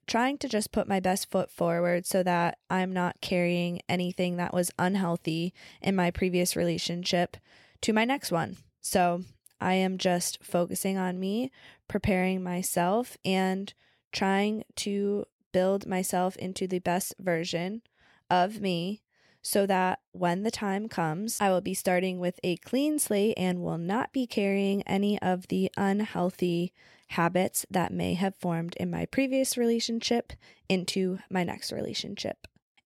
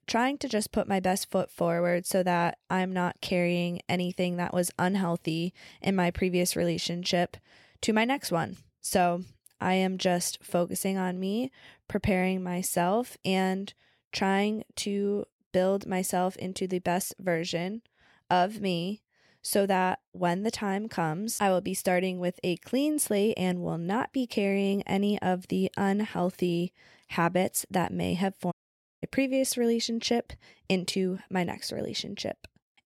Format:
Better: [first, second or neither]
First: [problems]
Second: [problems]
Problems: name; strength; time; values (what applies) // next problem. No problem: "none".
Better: first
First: none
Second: audio cutting out; at 29 s for 0.5 s